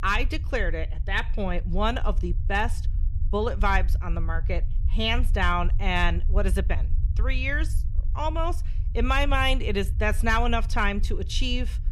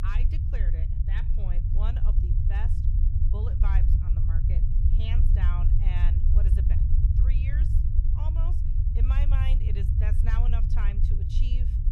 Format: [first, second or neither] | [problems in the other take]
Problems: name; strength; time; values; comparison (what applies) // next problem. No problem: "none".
first | low rumble; loud; throughout; as loud as the speech; faint in the first